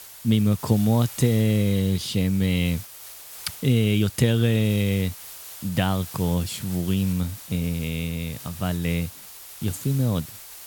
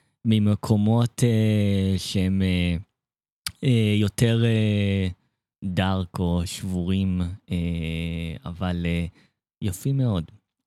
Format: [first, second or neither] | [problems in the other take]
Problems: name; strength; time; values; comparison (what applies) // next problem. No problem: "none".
second | hiss; noticeable; throughout; 15 dB below the speech